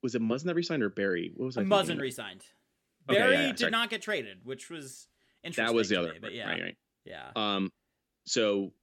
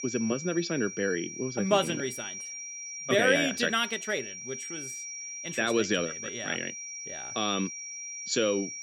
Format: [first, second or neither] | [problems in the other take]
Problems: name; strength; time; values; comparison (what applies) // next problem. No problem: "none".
first | high-pitched whine; loud; throughout; 5.5 kHz, 8 dB below the speech